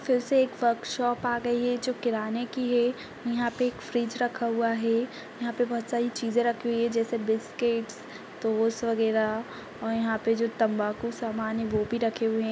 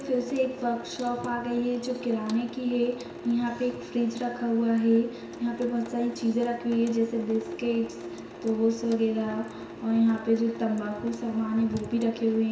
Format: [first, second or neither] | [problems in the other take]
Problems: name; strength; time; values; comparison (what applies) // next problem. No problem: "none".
first | background sound (Drip / Sink (filling or washing) / Water tap, faucet); 15 dB below the speech // room echo; dies away in 0.9 s